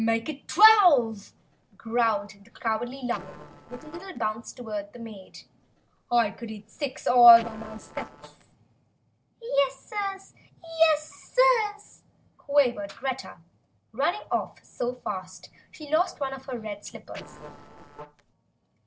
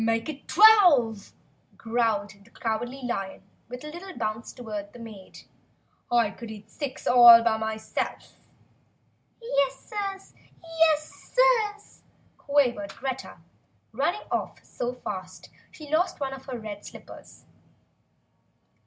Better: second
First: noise reduction (neural separator model SepFormer DNS4)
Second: none

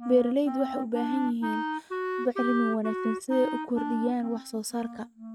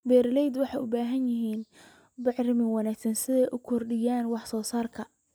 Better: second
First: noise reduction (neural mask model RNNoise)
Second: none

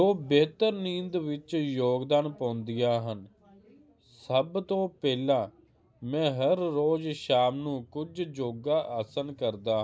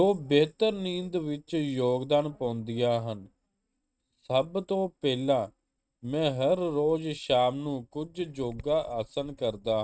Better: first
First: none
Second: noise reduction (neural mask model RNNoise)

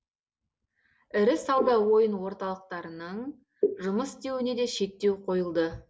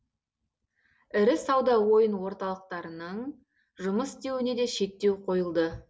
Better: second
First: noise reduction (neural mask model Resemble Enhance denoiser)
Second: none

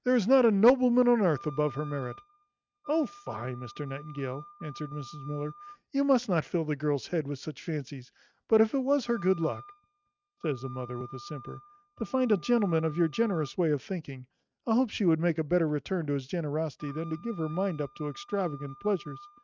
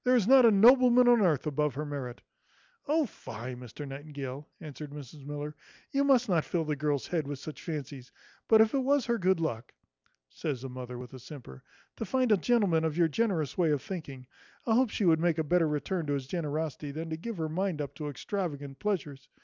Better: second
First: noise reduction (neural mask model RNNoise)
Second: none

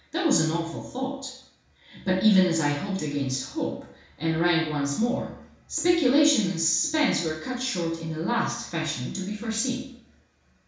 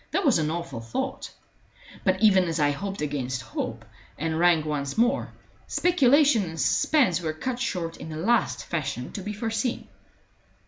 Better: second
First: room echo; dies away in 0.6 s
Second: none

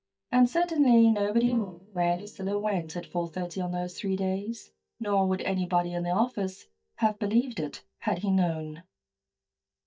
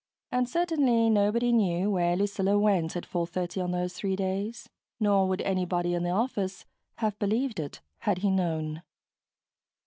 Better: second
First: noise reduction (neural mask model DeepFilterNet 3)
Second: none

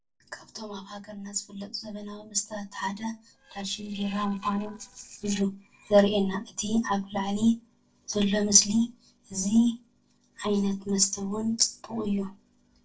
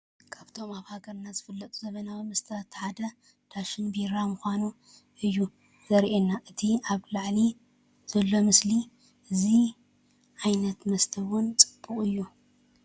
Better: second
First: noise reduction (neural separator model SepFormer DNS4)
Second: none

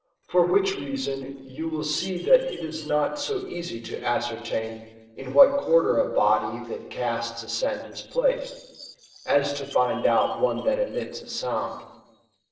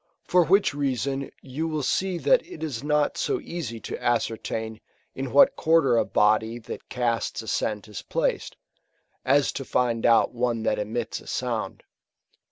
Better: second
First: noise reduction (neural separator model SepFormer DNS4)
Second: none

